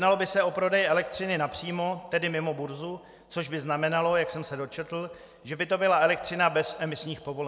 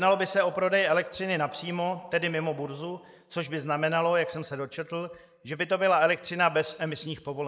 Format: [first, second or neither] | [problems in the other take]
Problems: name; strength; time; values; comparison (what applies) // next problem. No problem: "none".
first | noise reduction (neural mask model Resemble Enhance denoiser)